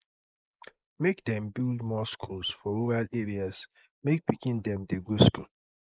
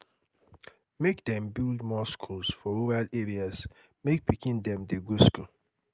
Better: second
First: noise reduction (neural mask model Resemble Enhance denoiser)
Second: none

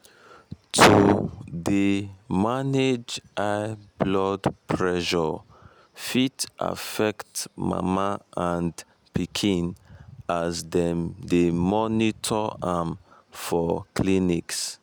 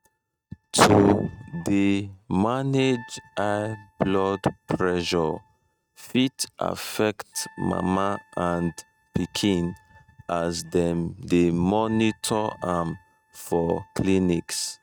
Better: first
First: none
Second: noise reduction (neural mask model RNNoise)

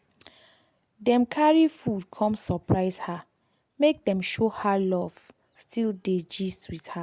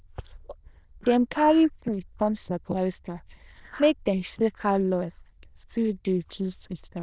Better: first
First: none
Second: noise reduction (neural diffusion model UNIVERSE++)

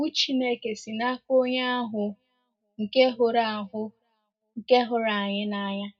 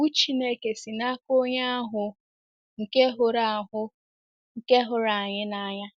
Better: second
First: room echo; dies away in 0.2 s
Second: none

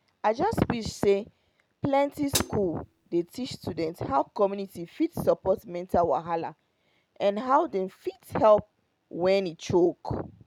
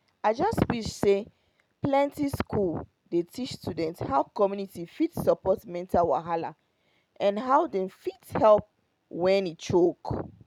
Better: second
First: background sound (Hi-hat); 9 dB below the speech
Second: none

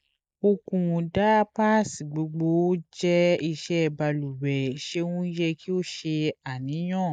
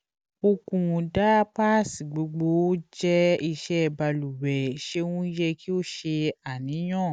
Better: second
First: noise reduction (neural mask model Resemble Enhance denoiser)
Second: none

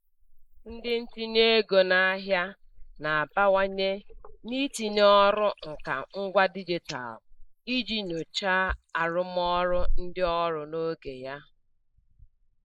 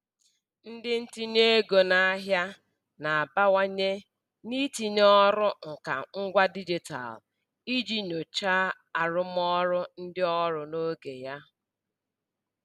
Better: second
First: noise reduction (neural mask model Resemble Enhance denoiser)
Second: none

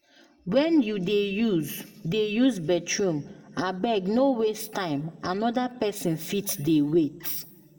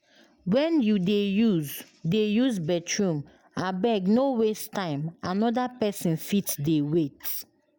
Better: second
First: room echo; dies away in 0.8 s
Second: none

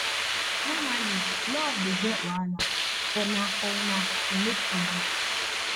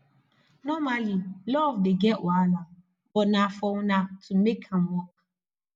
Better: second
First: background sound (Hiss); 4 dB above the speech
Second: none

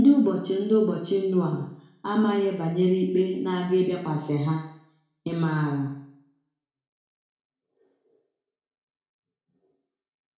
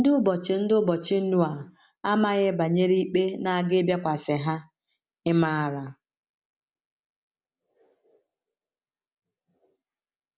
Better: second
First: room echo; dies away in 0.6 s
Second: none

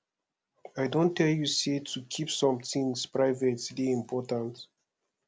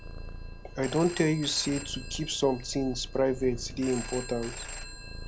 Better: first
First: none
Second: background sound (Telephone + Purr); 9 dB below the speech

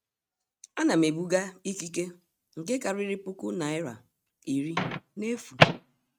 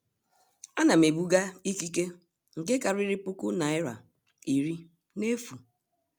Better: second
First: noise reduction (neural mask model RNNoise)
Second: none

